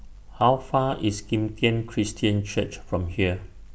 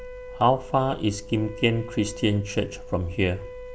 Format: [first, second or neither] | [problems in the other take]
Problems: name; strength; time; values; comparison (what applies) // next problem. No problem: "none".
first | background sound (Wind instrument, woodwind instrument); 16 dB below the speech